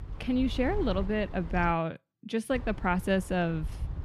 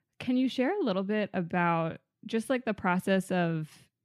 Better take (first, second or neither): second